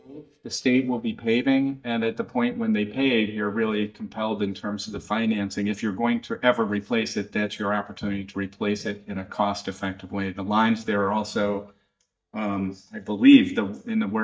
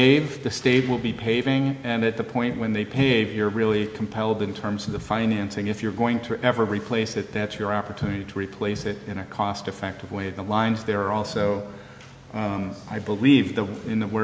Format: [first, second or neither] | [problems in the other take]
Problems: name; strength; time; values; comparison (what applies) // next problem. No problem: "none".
second | noise reduction (neural mask model DeepFilterNet 3)